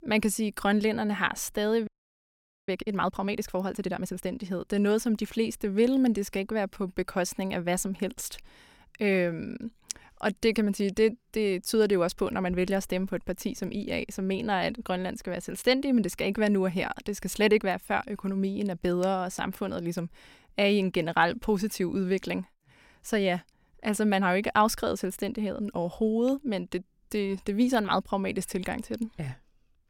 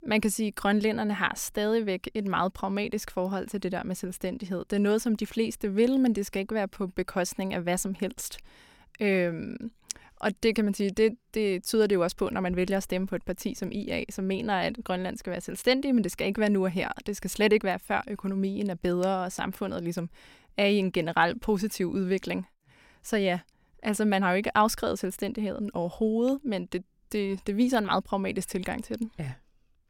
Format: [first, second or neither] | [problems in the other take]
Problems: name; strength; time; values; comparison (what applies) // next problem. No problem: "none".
second | audio freezing; at 2 s for 1 s